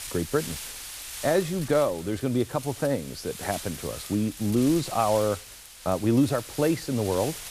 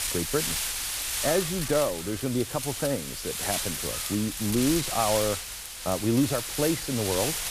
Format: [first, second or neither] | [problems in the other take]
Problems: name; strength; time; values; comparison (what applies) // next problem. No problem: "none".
first | wind noise on the microphone; heavy; 2 dB below the speech; occasional gusts in the first